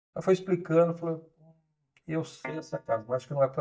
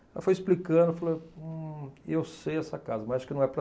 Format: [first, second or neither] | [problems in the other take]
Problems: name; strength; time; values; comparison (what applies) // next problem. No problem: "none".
second | noise reduction (neural mask model DeepFilterNet 3)